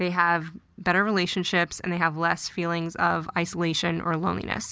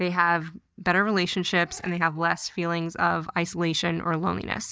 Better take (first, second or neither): first